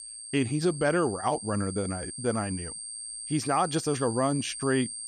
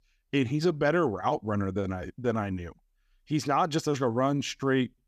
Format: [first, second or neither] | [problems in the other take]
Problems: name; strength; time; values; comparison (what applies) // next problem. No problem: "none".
second | high-pitched whine; loud; throughout; 8.5 kHz, 8 dB below the speech